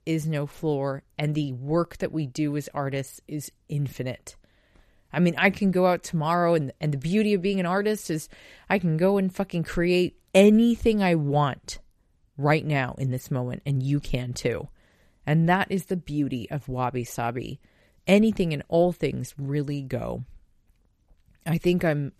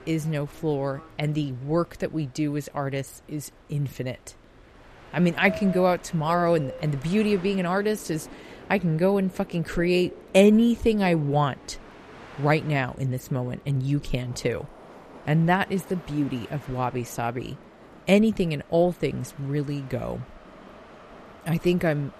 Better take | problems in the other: first | train or aircraft noise; noticeable; throughout; 20 dB below the speech

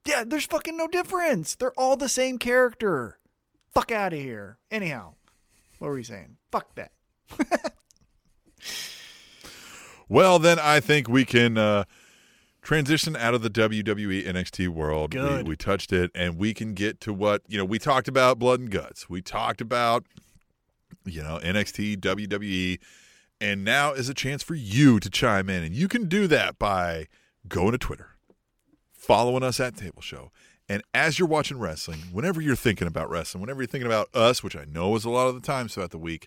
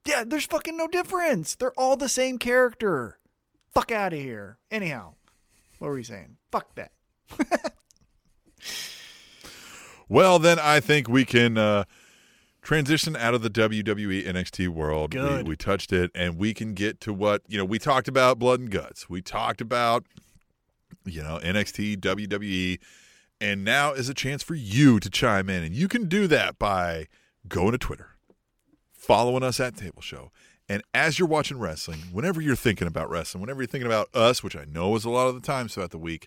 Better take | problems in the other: neither | none

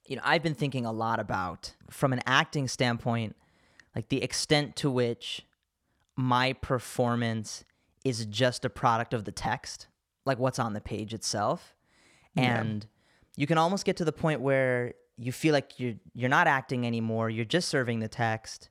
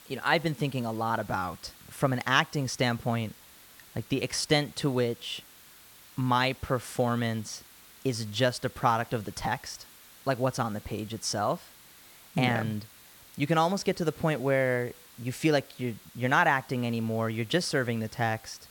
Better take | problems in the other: first | hiss; faint; throughout; 20 dB below the speech

